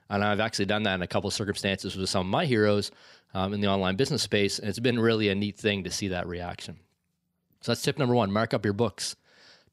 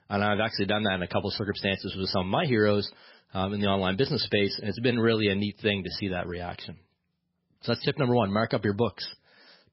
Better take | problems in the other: first | garbled, watery; badly; nothing above 5.5 kHz

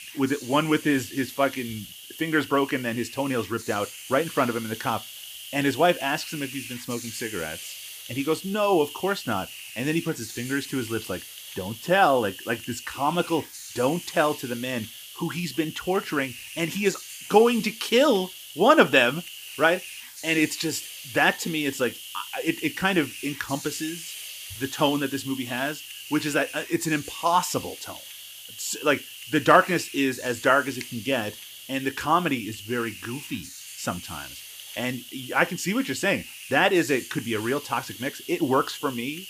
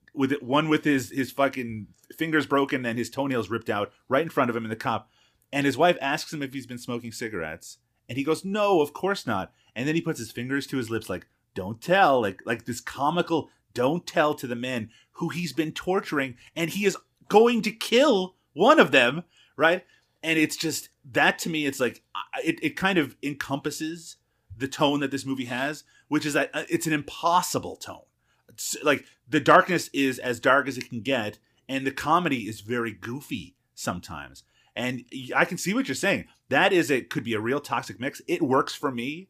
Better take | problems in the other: second | hiss; noticeable; throughout; 10 dB below the speech

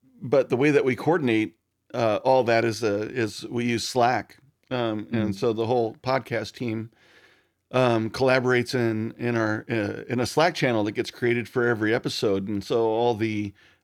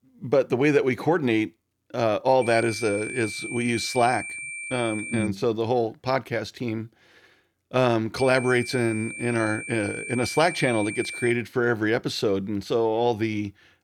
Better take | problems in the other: first | high-pitched whine; loud; from 2.5 to 5.5 s and from 8 to 11 s; 2.5 kHz, 9 dB below the speech

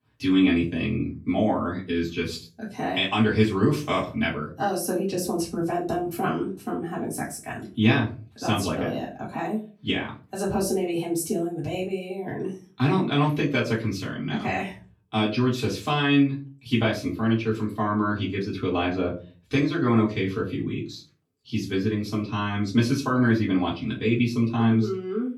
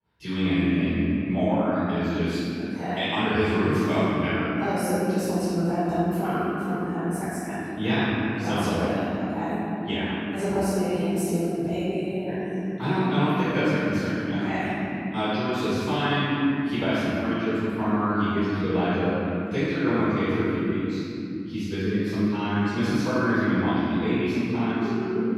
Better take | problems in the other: first | room echo; strong; dies away in 3 s; slight in the first // off-mic speech; far; far in the first

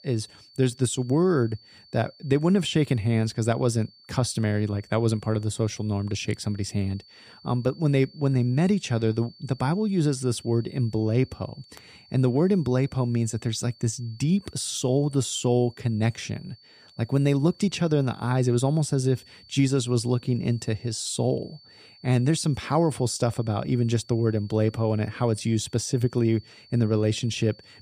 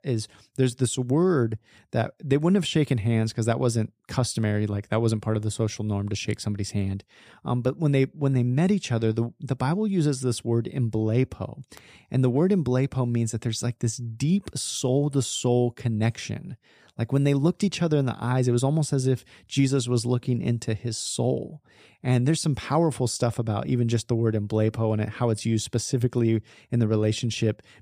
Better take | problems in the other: second | high-pitched whine; faint; throughout; 4.5 kHz, 25 dB below the speech

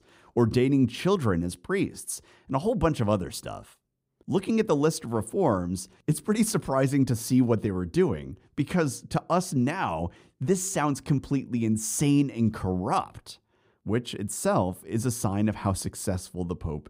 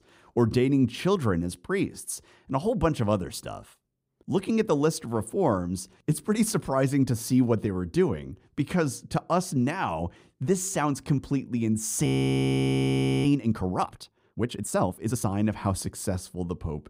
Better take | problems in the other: first | audio freezing; at 12 s for 1 s

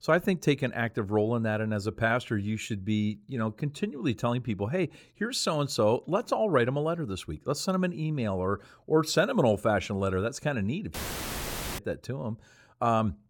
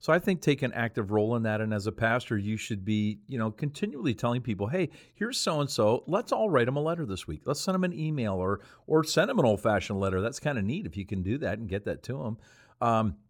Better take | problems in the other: second | audio cutting out; filled with static; at 11 s for 1 s

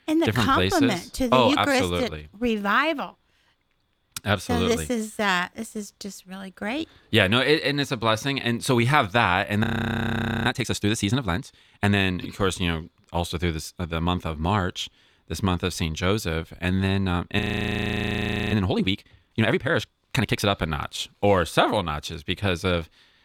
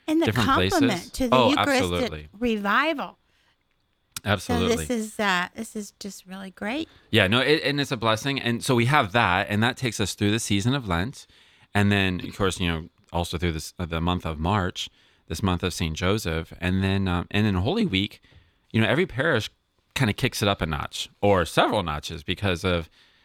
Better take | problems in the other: second | audio freezing; at 9.5 s for 1 s and at 17 s for 1 s

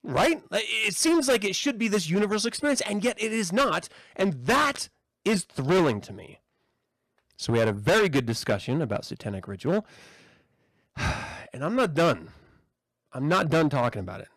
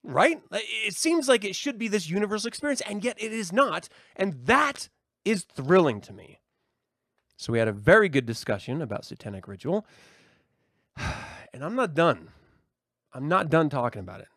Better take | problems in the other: second | distortion; heavy; 8% of the sound clipped

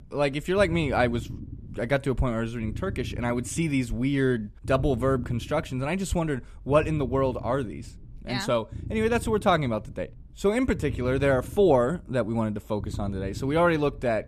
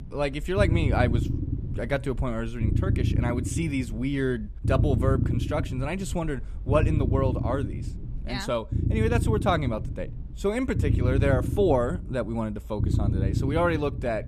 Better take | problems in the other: first | low rumble; loud; throughout; 10 dB below the speech; faint in the first

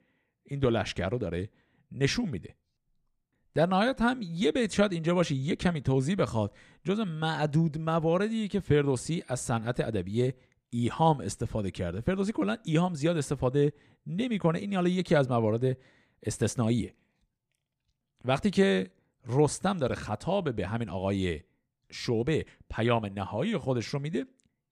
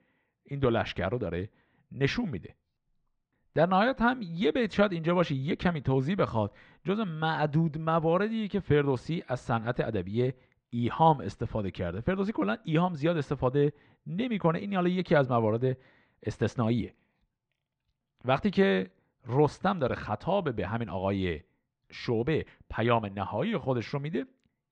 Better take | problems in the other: first | muffled; slightly; fading above 4 kHz

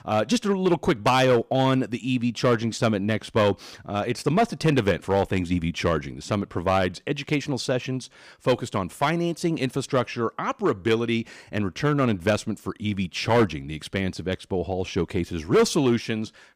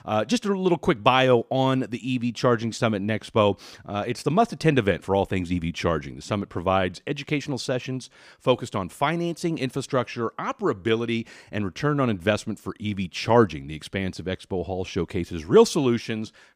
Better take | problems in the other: second | distortion; slight; 3% of the sound clipped

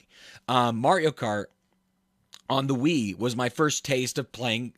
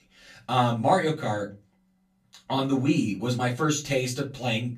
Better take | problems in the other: first | off-mic speech; far // room echo; very slight; dies away in 0.2 s

